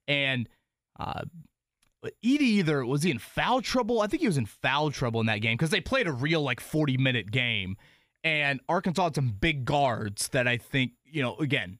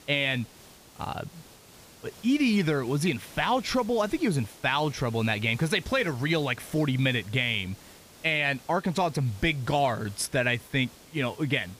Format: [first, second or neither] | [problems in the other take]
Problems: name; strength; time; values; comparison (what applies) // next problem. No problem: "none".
first | hiss; faint; throughout; 20 dB below the speech